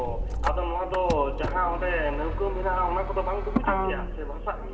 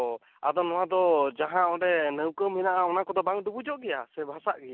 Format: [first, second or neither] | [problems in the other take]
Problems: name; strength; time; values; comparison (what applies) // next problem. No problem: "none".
second | background sound (Motor vehicle (road)); 1 dB below the speech // room echo; dies away in 2.4 s